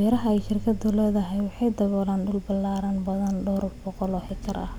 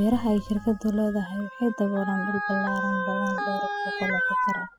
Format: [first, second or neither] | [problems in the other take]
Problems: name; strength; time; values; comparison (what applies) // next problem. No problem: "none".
first | noise reduction (classical method spectral subtraction)